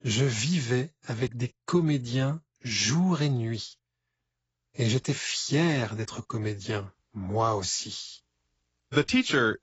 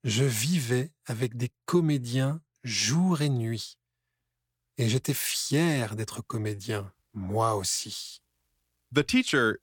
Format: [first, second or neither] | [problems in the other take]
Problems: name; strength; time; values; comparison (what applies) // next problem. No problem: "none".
second | garbled, watery; badly; nothing above 7.5 kHz